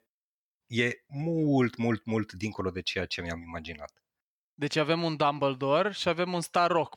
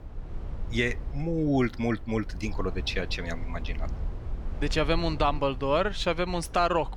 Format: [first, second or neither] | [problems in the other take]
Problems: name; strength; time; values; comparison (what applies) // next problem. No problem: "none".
first | low rumble; faint; throughout; 20 dB below the speech